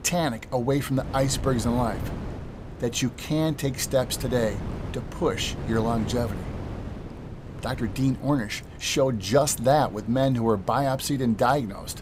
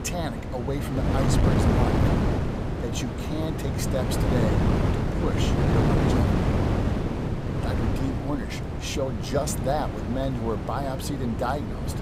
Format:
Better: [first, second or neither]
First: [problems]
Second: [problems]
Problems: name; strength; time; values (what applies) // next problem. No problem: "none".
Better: first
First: wind noise on the microphone; occasional gusts; 15 dB below the speech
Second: wind noise on the microphone; heavy; 1 dB above the speech